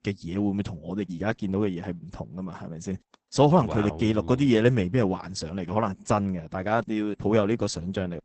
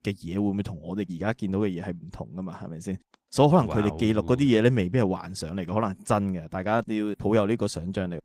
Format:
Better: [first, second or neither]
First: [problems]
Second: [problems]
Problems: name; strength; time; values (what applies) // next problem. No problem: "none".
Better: second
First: garbled, watery; badly; nothing above 8 kHz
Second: garbled, watery; slightly; nothing above 15.5 kHz